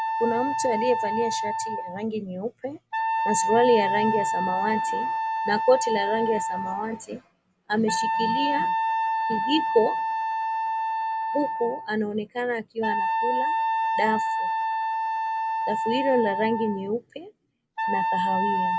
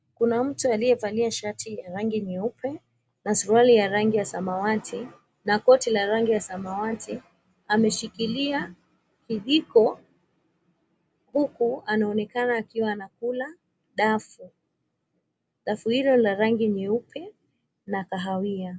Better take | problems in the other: second | background sound (Wind instrument, woodwind instrument); 1 dB above the speech

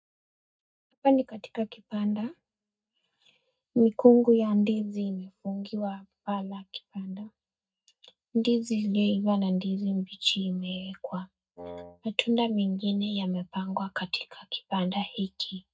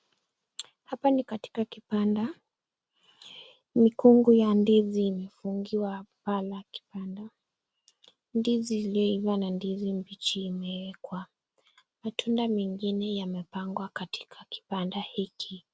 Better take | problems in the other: second | noise reduction (neural mask model DeepFilterNet 3)

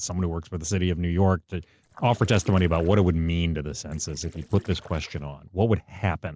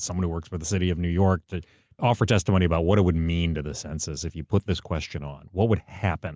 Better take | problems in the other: second | noise reduction (neural separator model SepFormer DNS4)

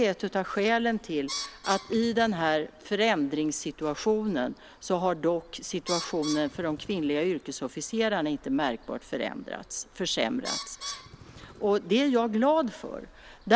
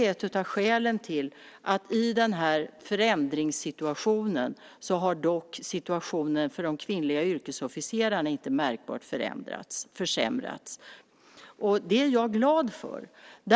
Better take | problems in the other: second | background sound (Bird); 16 dB below the speech

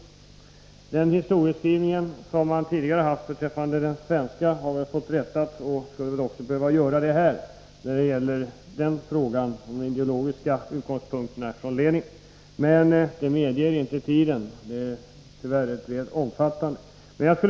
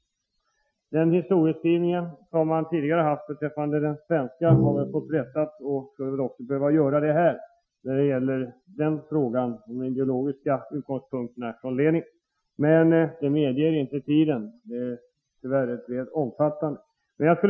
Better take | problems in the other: first | noise reduction (classical method Wiener filter)

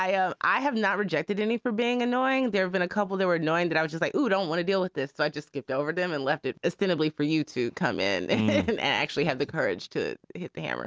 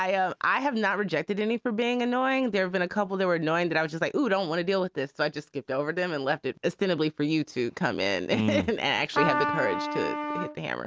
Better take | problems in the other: first | background sound (Trumpet); 3 dB below the speech

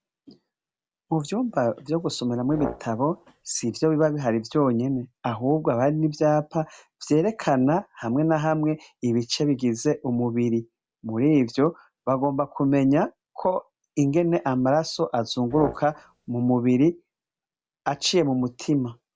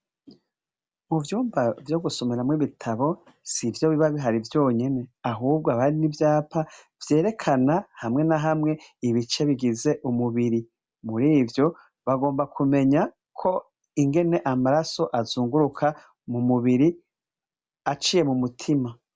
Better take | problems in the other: second | background sound (Brass instrument); 12 dB below the speech

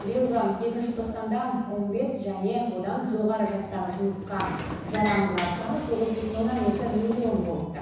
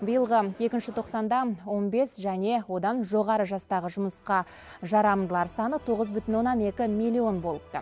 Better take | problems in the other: second | background sound (Sliding door); 11 dB below the speech // room echo; dies away in 1.1 s

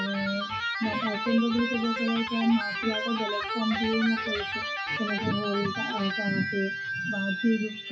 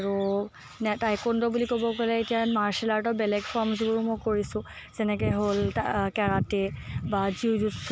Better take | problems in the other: second | noise reduction (classical method WPE with log-MMSE)

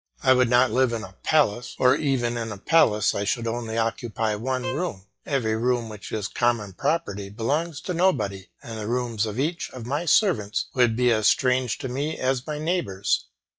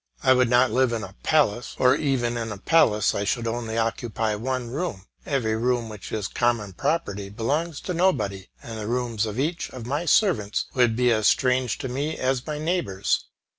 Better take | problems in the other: second | noise reduction (classical method log-MMSE)

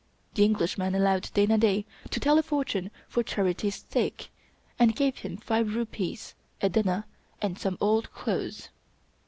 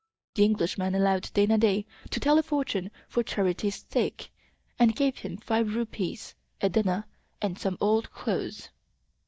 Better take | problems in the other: first | noise reduction (neural mask model DeepFilterNet 3)

